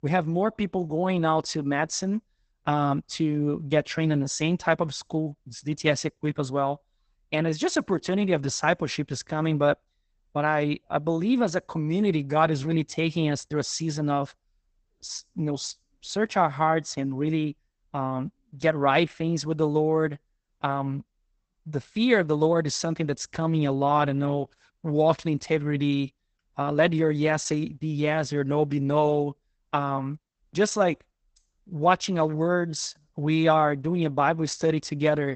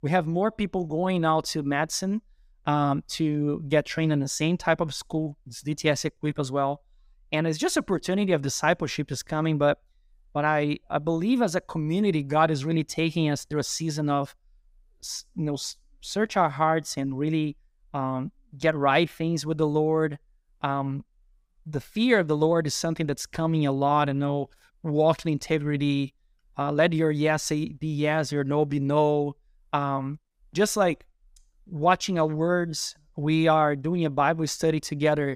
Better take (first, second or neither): second